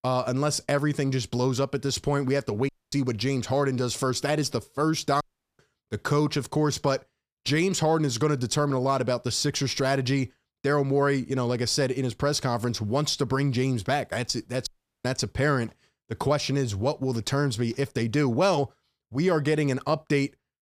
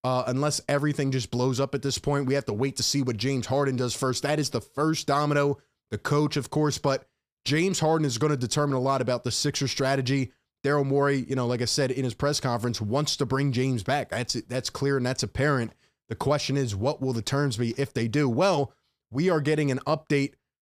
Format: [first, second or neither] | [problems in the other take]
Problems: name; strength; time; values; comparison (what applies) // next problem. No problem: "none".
second | audio cutting out; at 2.5 s, at 5 s and at 15 s